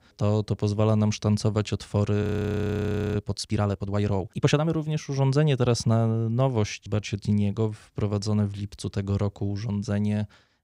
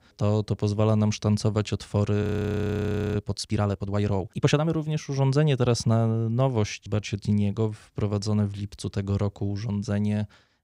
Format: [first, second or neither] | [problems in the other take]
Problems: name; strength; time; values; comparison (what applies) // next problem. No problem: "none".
neither | audio freezing; at 2 s for 1 s; the same in both